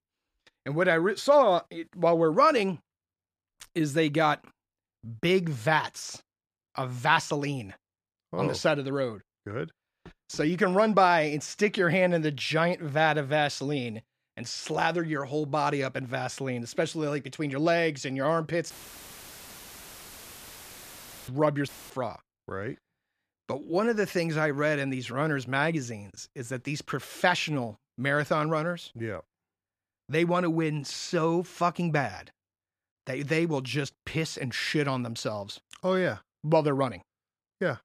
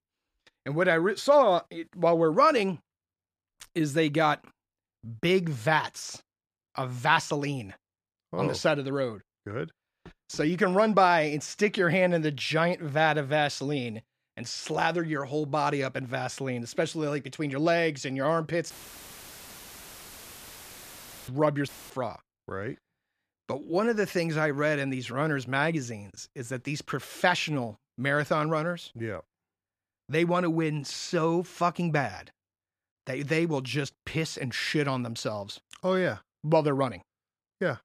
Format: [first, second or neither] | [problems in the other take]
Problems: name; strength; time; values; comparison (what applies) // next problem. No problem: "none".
neither | audio cutting out; filled with static; at 19 s for 2.5 s and at 22 s; the same in both